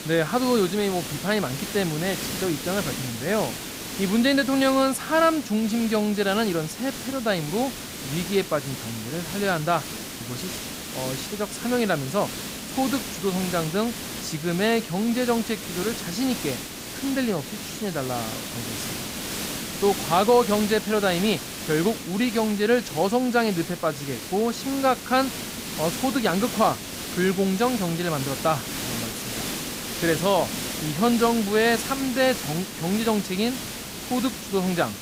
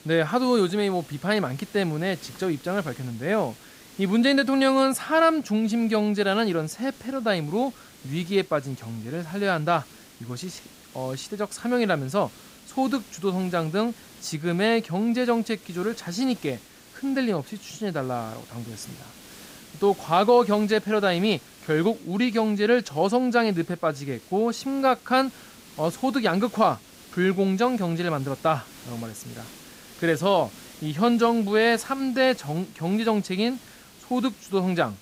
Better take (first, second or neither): second